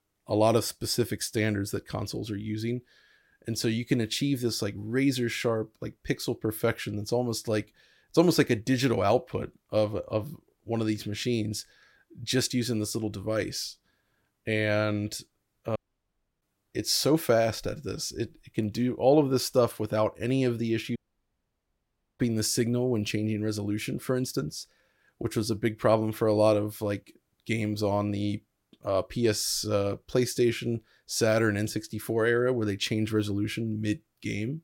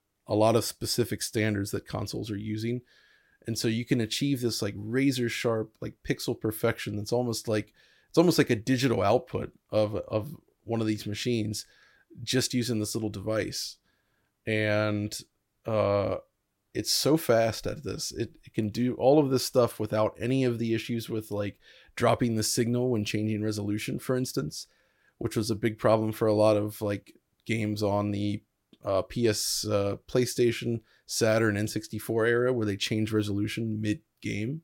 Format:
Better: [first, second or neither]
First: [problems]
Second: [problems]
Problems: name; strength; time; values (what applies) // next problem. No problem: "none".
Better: second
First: audio cutting out; at 16 s for 0.5 s and at 21 s for 1 s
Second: none